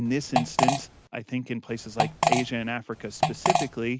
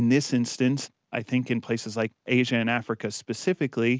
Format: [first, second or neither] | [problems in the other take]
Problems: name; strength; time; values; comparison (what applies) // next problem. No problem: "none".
second | background sound (Fart); 3 dB above the speech